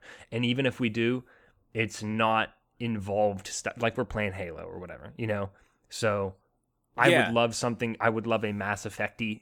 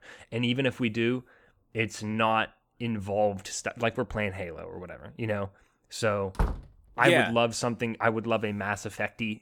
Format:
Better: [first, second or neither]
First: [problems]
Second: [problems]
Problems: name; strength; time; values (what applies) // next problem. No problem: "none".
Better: first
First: none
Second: door banging; noticeable; at 6.5 s; peak 4 dB below the speech